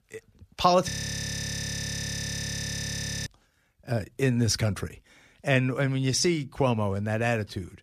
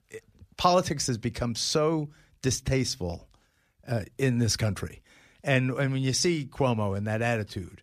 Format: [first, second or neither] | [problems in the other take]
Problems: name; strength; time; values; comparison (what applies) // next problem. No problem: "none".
second | audio freezing; at 1 s for 2.5 s